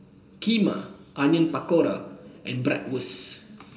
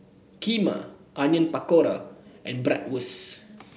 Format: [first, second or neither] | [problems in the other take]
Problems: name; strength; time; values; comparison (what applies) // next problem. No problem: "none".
second | room echo; dies away in 1.8 s